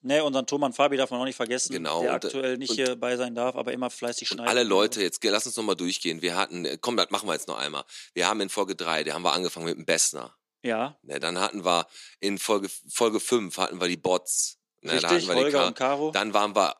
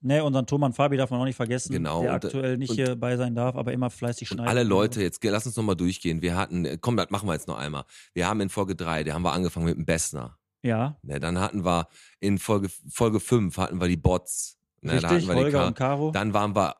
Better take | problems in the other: second | thin; somewhat; fading below 300 Hz

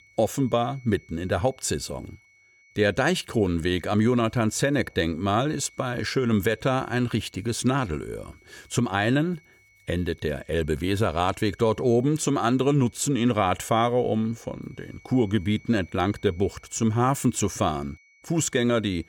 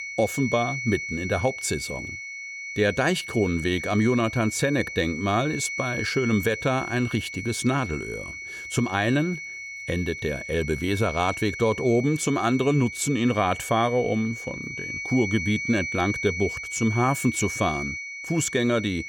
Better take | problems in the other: first | high-pitched whine; loud; throughout; 2 kHz, 7 dB below the speech; faint in the first

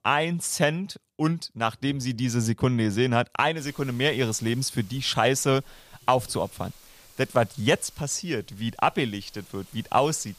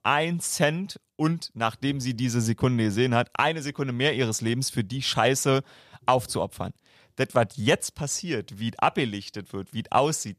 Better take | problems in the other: second | hiss; faint; from 3.5 s on; 25 dB below the speech

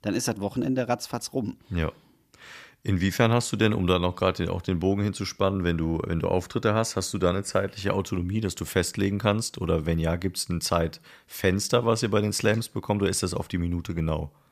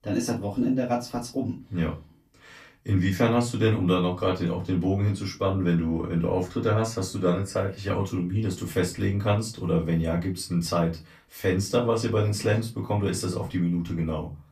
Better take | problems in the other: first | off-mic speech; far // room echo; very slight; dies away in 0.2 s

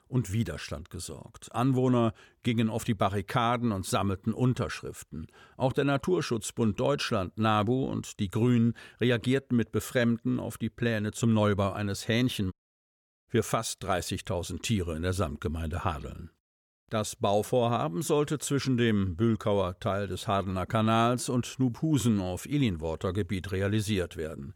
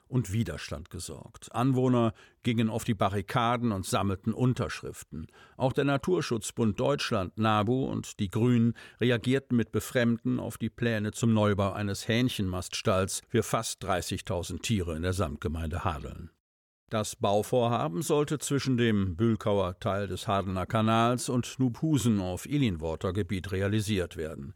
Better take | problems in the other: second | audio cutting out; at 13 s for 1 s

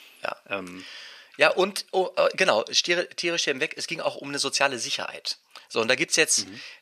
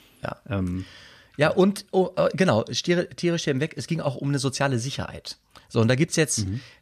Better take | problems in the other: second | thin; very; fading below 500 Hz

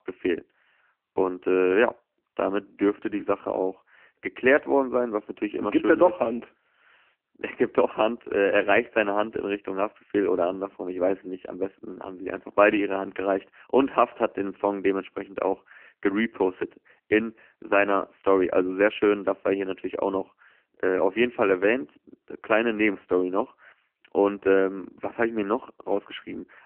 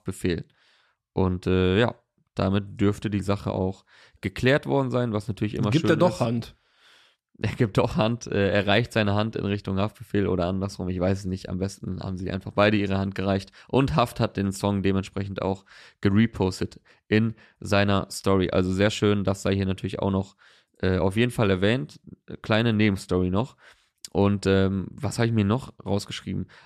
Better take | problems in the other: second | phone-call audio; poor line; nothing above 3 kHz

